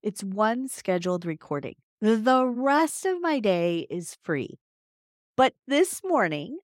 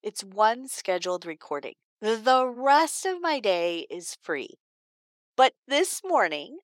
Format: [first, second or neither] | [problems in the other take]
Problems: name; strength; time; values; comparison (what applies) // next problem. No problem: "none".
first | thin; somewhat; fading below 500 Hz